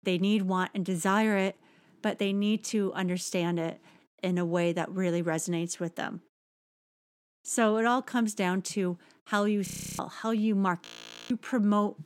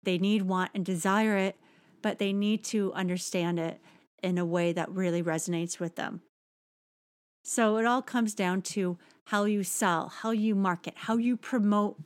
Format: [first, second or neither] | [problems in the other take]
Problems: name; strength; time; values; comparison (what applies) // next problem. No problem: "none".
second | audio freezing; at 9.5 s and at 11 s